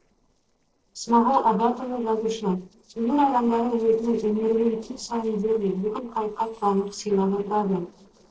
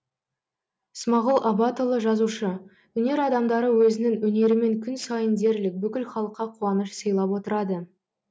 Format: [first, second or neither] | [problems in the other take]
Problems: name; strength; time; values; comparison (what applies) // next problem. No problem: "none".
second | noise reduction (neural separator model SepFormer DNS4)